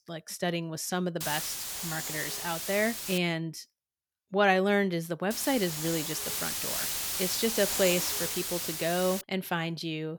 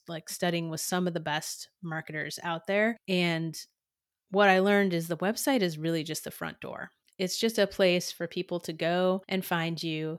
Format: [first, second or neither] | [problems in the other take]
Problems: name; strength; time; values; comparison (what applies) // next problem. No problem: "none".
second | hiss; loud; from 1 to 3 s and from 5.5 to 9 s; 1 dB below the speech